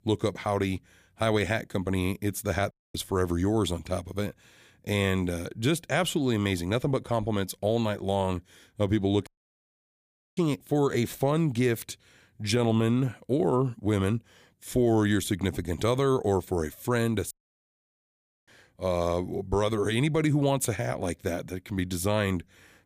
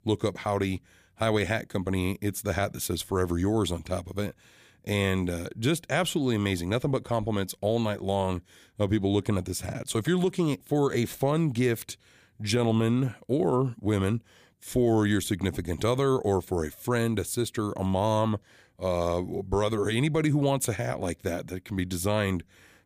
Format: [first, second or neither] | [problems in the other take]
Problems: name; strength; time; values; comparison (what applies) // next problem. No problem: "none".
second | audio cutting out; at 2.5 s, at 9.5 s for 1 s and at 17 s for 1 s